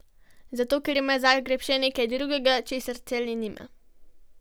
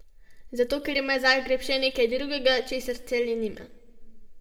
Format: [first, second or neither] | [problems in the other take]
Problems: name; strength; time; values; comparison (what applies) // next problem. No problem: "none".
first | room echo; dies away in 0.9 s